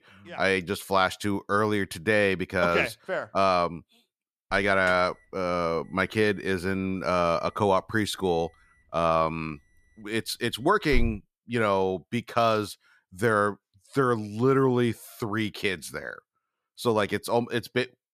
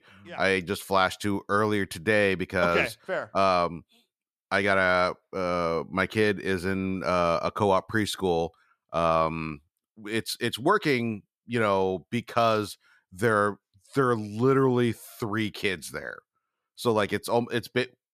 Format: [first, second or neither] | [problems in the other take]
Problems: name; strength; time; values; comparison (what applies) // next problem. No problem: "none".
second | alarm; noticeable; from 5 to 11 s; peak 8 dB below the speech